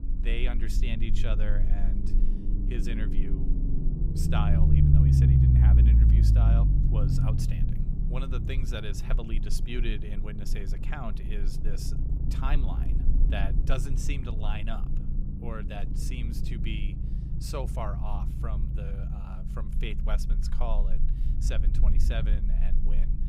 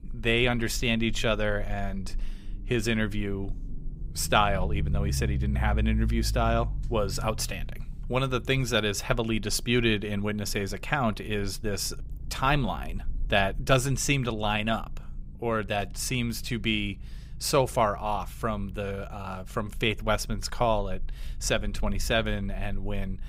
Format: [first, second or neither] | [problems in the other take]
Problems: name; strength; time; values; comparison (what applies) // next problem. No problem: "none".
second | low rumble; loud; throughout; 1 dB below the speech; faint in the second